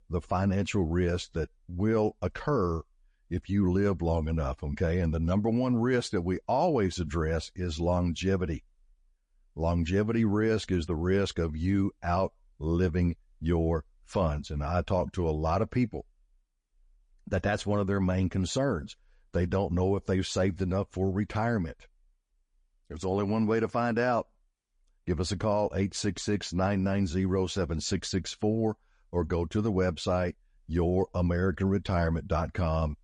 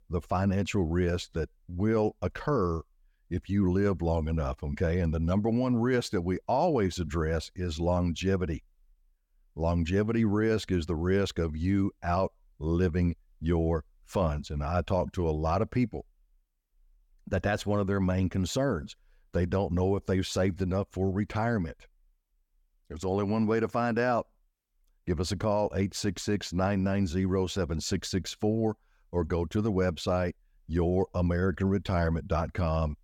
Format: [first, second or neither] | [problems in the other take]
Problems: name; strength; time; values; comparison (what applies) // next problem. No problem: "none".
second | garbled, watery; slightly; nothing above 8.5 kHz